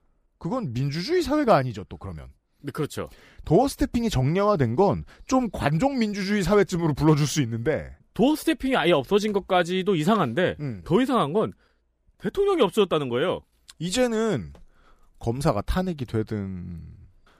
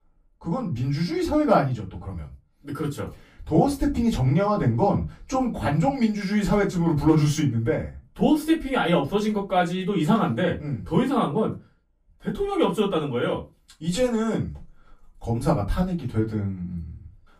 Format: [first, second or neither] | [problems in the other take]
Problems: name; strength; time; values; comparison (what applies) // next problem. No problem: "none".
first | off-mic speech; far // room echo; very slight; dies away in 0.2 s